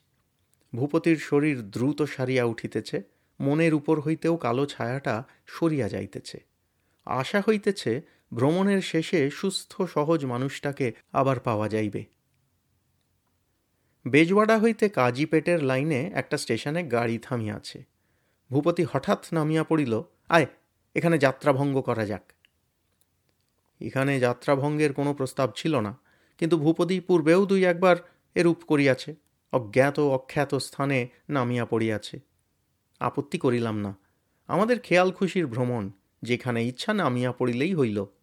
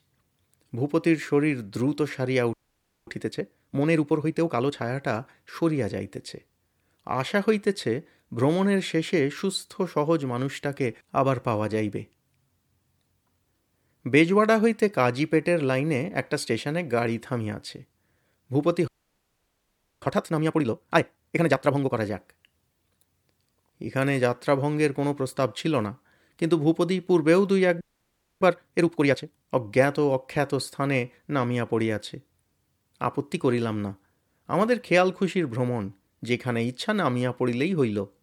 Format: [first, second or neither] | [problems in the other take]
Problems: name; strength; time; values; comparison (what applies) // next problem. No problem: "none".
first | audio freezing; at 2.5 s for 0.5 s, at 19 s for 1 s and at 28 s for 0.5 s